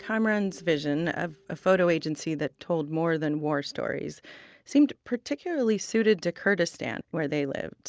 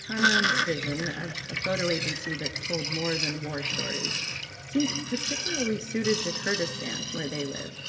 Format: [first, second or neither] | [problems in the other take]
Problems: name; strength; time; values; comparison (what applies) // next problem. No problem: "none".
first | background sound (Sink (filling or washing)); 1 dB above the speech // room echo; dies away in 1.7 s